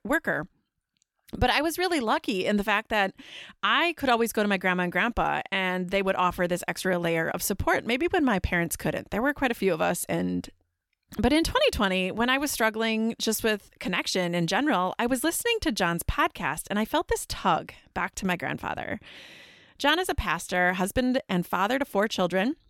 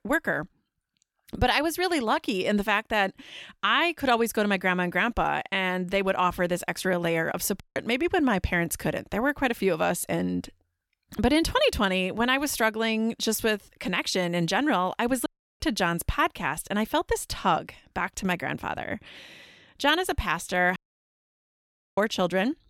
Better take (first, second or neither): first